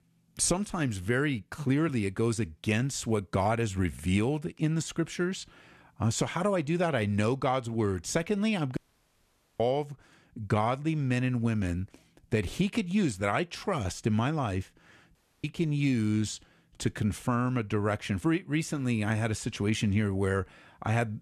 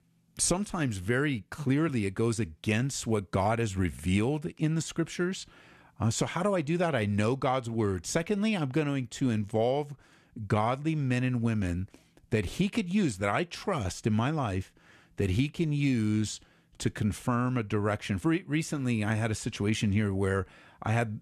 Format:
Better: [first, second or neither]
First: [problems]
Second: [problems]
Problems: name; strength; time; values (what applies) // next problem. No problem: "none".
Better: second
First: audio cutting out; at 9 s for 1 s and at 15 s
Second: none